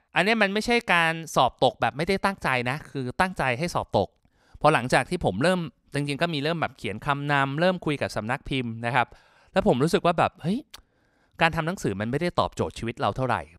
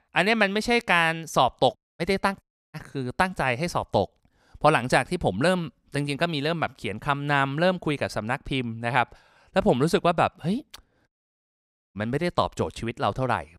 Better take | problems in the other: first | audio cutting out; at 2 s, at 2.5 s and at 11 s for 1 s

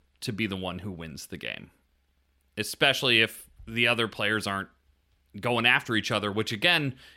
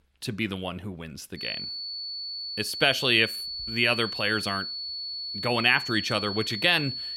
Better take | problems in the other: first | high-pitched whine; loud; from 1.5 s on; 4.5 kHz, 6 dB below the speech

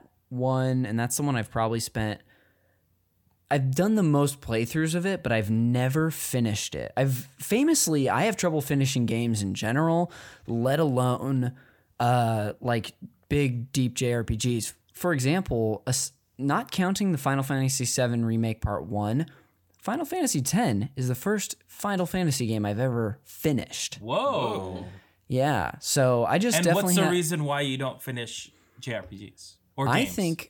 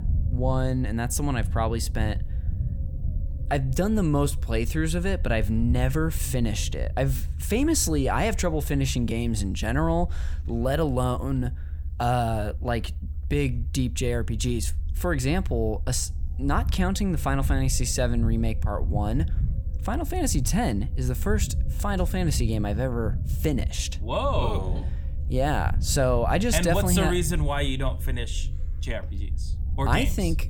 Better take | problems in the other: first | low rumble; noticeable; throughout; 20 dB below the speech

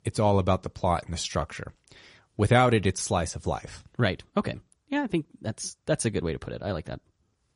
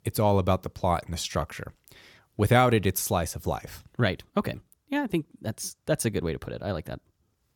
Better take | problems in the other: second | garbled, watery; slightly; nothing above 10.5 kHz

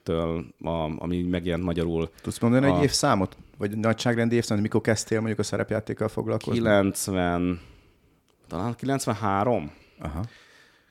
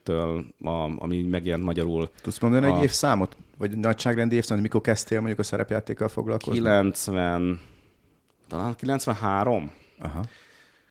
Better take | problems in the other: first | garbled, watery; slightly; nothing above 18.5 kHz

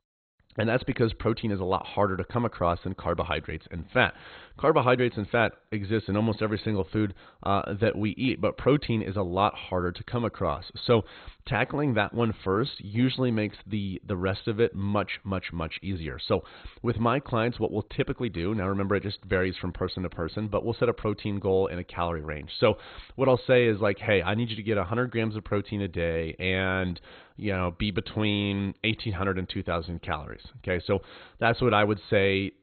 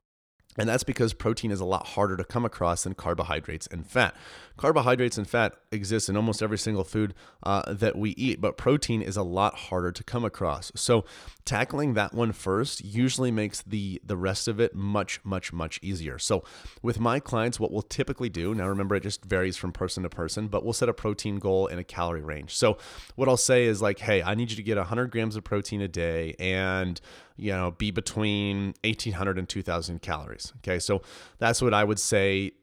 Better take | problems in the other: second | garbled, watery; badly; nothing above 4 kHz

